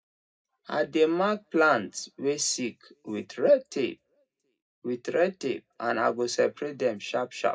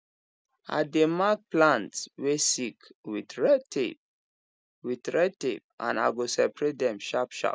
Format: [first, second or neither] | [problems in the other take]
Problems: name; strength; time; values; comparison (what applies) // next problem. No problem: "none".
second | room echo; dies away in 0.2 s